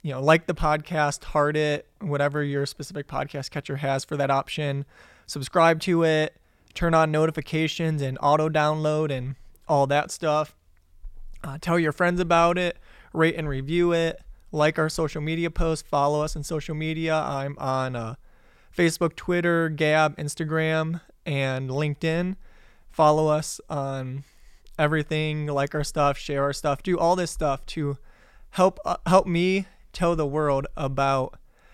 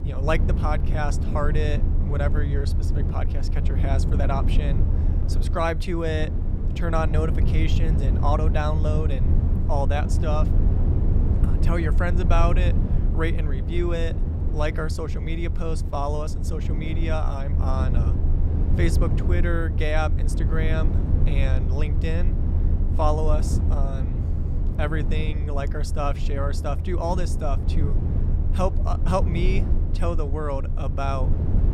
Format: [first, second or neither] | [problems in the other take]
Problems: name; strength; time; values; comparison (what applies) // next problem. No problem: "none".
first | low rumble; loud; throughout; 8 dB below the speech